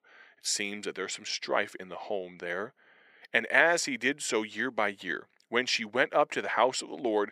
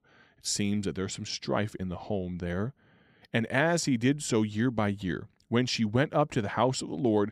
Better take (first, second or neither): second